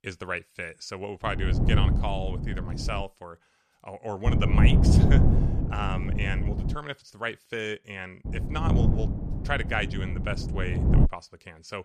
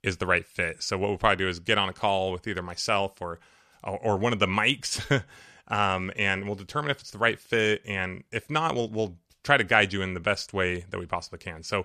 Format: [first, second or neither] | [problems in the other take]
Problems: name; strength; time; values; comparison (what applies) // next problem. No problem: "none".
second | wind noise on the microphone; heavy; from 1.5 to 3 s, from 4.5 to 6.5 s and from 8.5 to 11 s; 3 dB below the speech